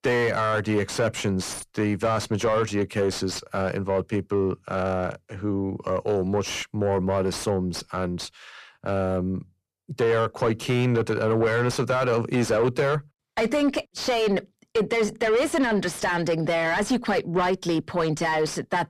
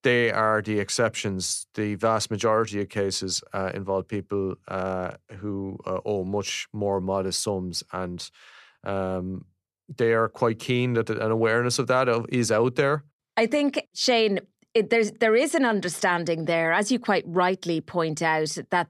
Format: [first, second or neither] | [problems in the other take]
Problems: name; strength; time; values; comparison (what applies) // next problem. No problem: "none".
second | distortion; heavy; 7 dB below the speech